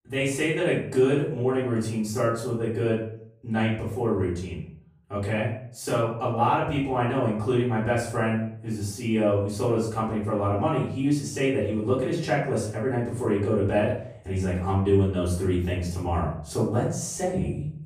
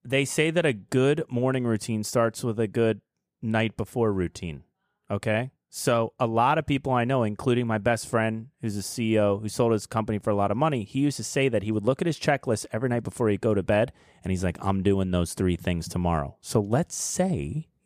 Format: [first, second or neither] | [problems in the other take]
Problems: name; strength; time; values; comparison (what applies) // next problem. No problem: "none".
second | room echo; noticeable; dies away in 0.5 s // off-mic speech; far